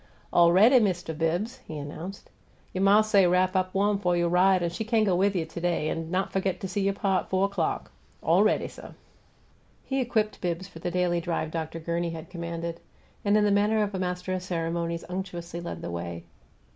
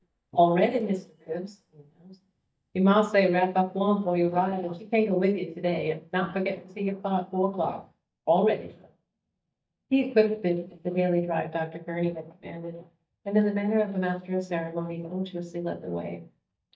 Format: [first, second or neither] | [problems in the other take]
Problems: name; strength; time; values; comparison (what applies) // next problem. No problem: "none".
first | noise reduction (neural mask model DeepFilterNet 3)